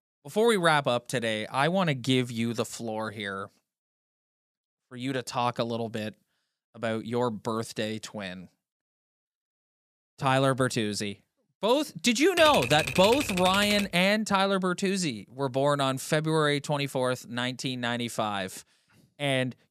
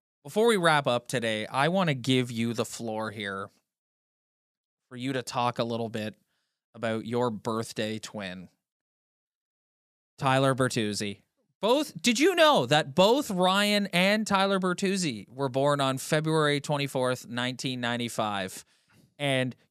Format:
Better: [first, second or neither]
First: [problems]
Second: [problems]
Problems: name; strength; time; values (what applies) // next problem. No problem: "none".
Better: second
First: keyboard typing; noticeable; from 12 to 14 s; peak 3 dB below the speech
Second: none